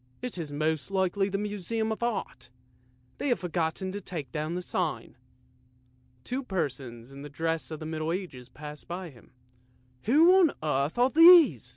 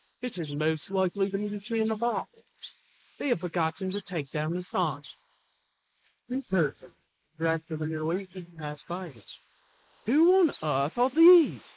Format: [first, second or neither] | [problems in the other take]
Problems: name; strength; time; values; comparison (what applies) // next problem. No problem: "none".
first | noise reduction (neural mask model Resemble Enhance denoiser)